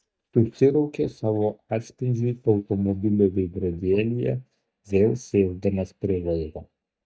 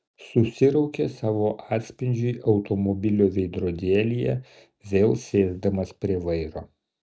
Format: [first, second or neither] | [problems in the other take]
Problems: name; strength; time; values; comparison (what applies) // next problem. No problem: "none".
second | noise reduction (neural mask model DeepFilterNet 3)